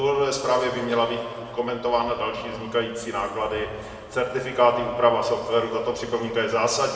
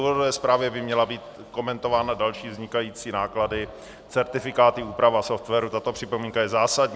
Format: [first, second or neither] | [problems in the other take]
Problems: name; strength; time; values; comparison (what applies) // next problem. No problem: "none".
second | room echo; dies away in 2.2 s